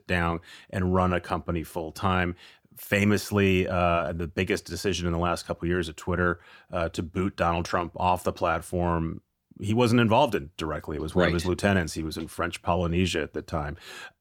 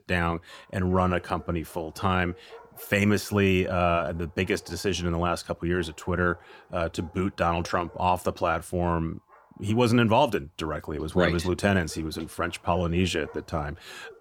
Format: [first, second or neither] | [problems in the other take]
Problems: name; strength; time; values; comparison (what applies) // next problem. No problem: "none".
first | animal sounds; faint; throughout; 25 dB below the speech